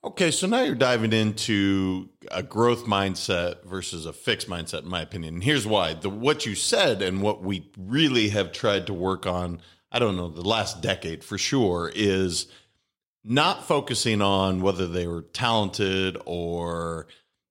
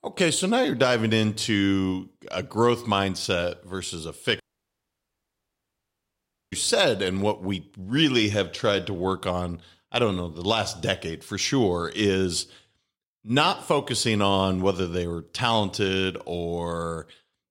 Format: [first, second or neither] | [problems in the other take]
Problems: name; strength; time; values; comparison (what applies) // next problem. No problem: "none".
first | audio cutting out; at 4.5 s for 2 s